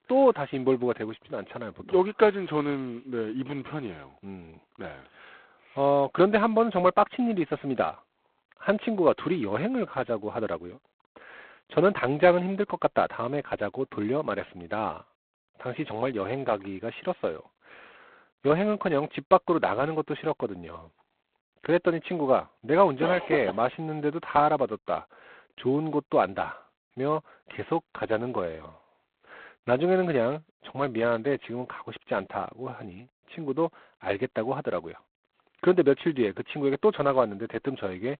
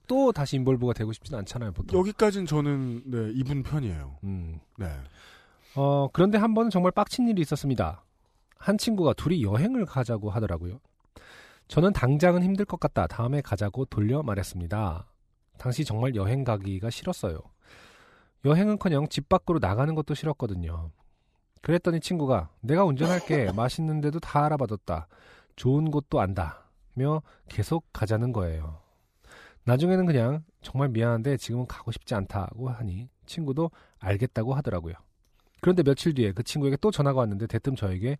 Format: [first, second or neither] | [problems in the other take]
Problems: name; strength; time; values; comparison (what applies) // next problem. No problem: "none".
second | phone-call audio; poor line; nothing above 4 kHz